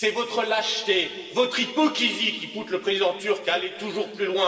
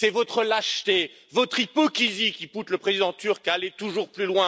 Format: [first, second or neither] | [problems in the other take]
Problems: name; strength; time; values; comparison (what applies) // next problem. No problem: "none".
second | room echo; dies away in 2.5 s